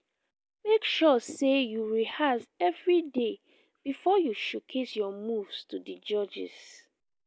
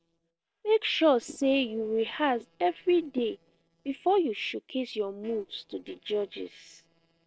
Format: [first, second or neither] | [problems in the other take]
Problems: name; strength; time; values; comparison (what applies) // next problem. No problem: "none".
first | noise reduction (neural separator model SepFormer DNS4)